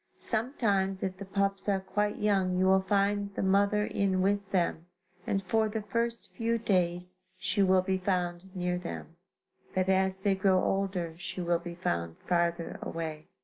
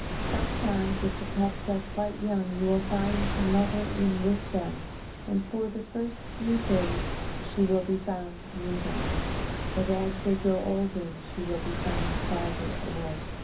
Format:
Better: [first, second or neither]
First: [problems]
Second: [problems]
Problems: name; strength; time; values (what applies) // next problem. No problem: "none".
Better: first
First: none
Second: background sound (Waves, surf); 3 dB below the speech // room echo; dies away in 0.4 s